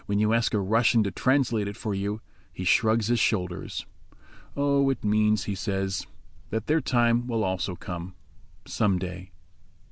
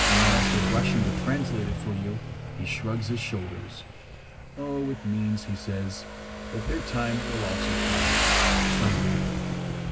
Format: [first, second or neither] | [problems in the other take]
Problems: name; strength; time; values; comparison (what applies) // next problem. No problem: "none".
first | background sound (Motorcycle); 3 dB above the speech // room echo; dies away in 0.4 s